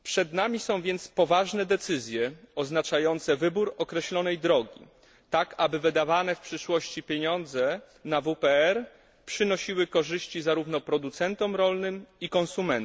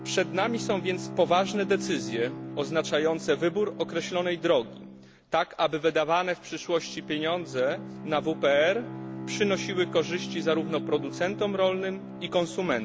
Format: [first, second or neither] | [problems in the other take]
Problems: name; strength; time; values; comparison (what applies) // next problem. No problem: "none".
first | background sound (Bowed string instrument); 10 dB below the speech